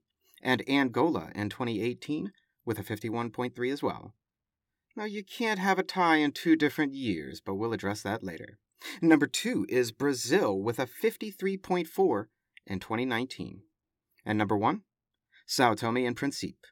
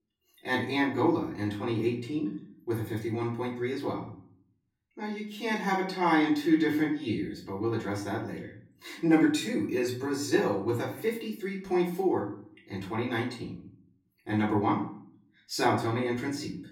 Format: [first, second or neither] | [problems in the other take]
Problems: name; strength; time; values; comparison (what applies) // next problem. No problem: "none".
first | room echo; slight; dies away in 0.5 s // off-mic speech; far